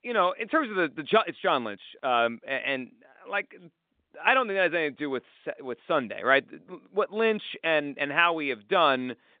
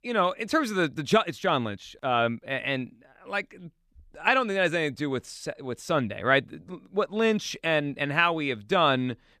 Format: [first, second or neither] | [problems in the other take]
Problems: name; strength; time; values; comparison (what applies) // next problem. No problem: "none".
second | phone-call audio; nothing above 3.5 kHz